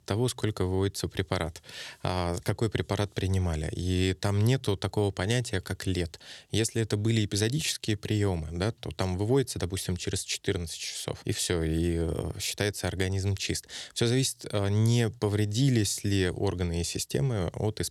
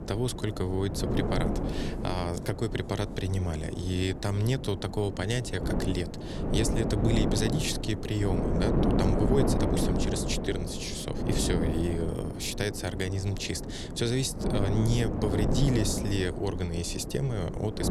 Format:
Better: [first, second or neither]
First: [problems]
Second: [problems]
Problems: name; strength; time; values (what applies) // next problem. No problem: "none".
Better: first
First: none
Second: wind noise on the microphone; heavy; 2 dB below the speech